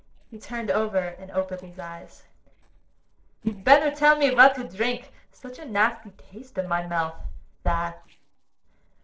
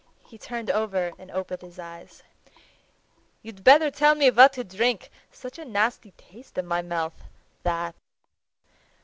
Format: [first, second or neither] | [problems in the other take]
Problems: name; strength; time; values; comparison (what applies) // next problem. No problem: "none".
second | noise reduction (neural separator model SepFormer DNS4)